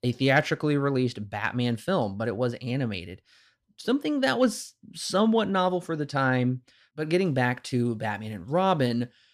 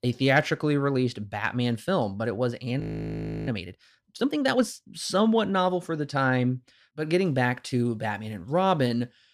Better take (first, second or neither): first